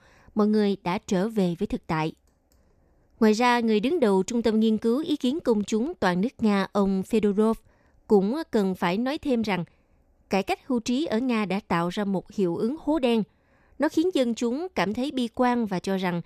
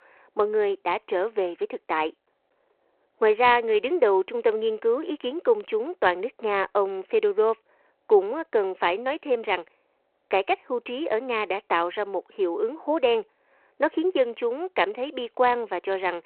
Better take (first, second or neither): first